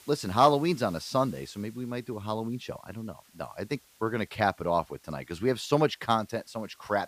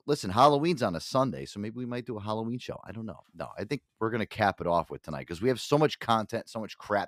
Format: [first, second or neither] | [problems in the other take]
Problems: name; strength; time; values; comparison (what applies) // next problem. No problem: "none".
second | hiss; faint; throughout; 25 dB below the speech